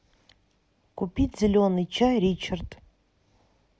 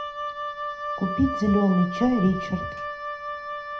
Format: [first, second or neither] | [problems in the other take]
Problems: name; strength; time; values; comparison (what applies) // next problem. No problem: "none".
first | background sound (Wind instrument, woodwind instrument); 6 dB below the speech // room echo; dies away in 0.5 s